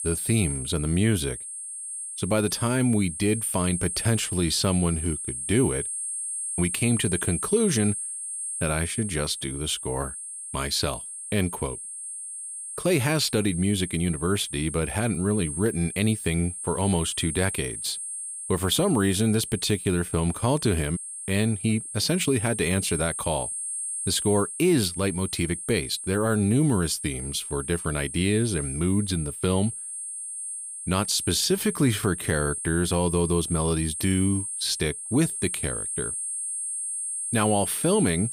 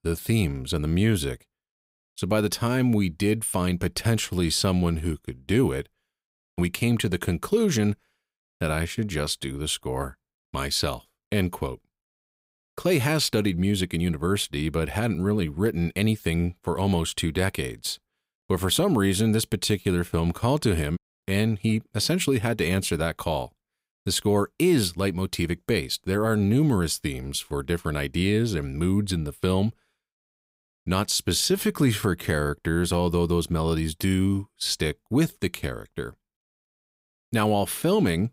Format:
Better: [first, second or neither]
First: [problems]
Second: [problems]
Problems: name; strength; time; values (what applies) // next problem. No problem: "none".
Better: second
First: high-pitched whine; loud; throughout; 8.5 kHz, 6 dB below the speech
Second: none